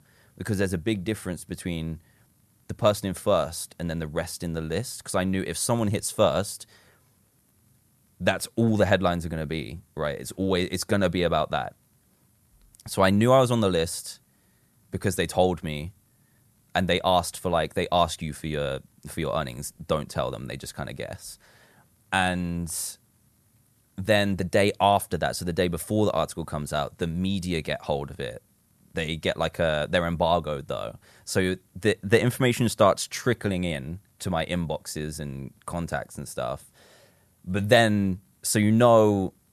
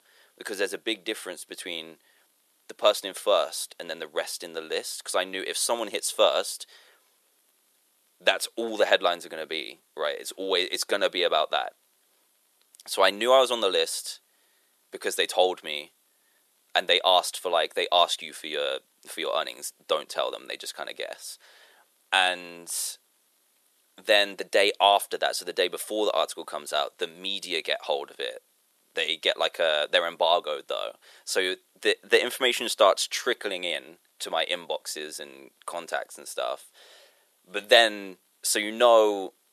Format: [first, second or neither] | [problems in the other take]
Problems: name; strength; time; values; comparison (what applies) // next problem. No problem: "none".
first | thin; very; fading below 350 Hz